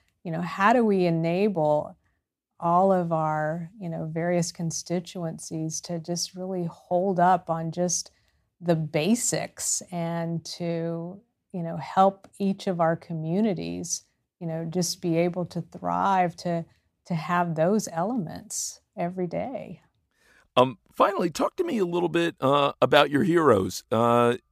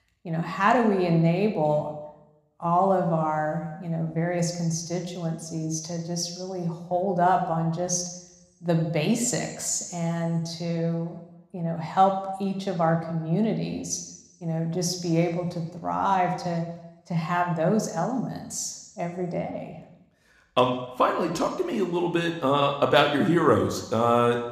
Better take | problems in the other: first | room echo; slight; dies away in 0.9 s

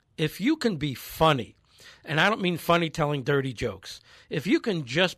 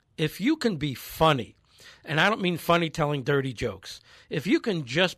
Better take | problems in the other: neither | none

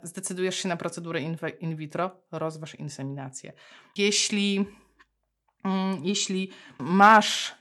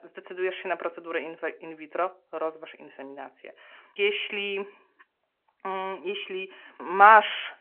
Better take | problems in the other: first | phone-call audio; nothing above 3 kHz

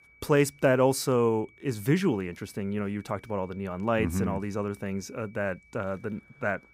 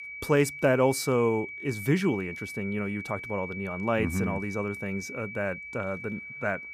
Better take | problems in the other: first | high-pitched whine; loud; throughout; 2.5 kHz, 9 dB below the speech; faint in the first

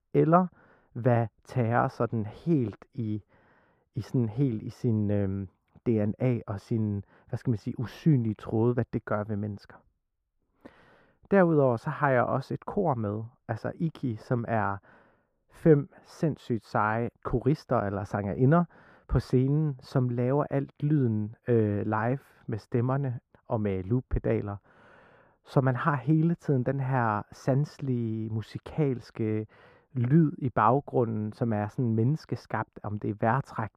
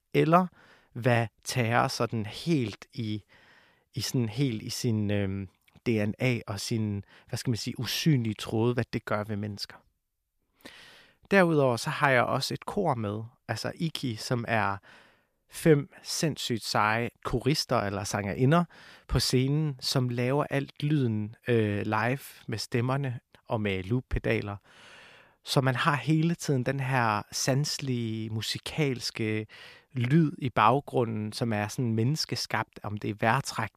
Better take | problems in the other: second | muffled; very; fading above 1.5 kHz

